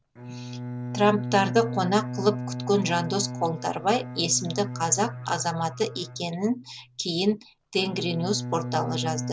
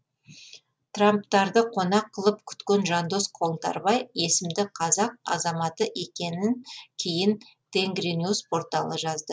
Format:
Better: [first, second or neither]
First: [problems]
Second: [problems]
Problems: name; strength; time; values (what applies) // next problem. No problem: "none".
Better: second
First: background sound (Bowed string instrument); 8 dB below the speech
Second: none